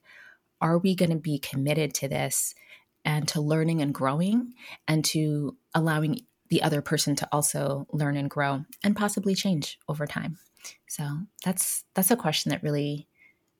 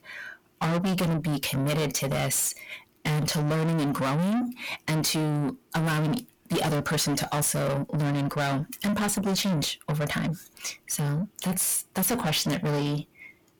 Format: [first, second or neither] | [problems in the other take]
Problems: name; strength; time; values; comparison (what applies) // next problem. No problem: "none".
first | distortion; heavy; 6 dB below the speech